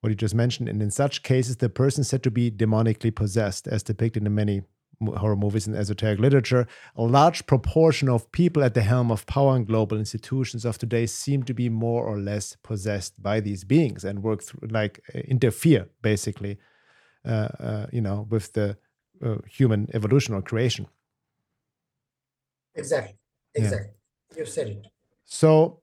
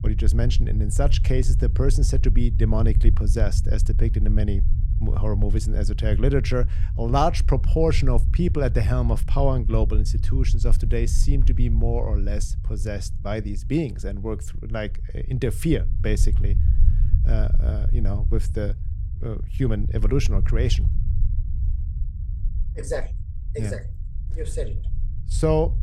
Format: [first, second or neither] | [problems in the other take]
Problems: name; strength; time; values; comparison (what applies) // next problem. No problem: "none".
first | low rumble; noticeable; throughout; 15 dB below the speech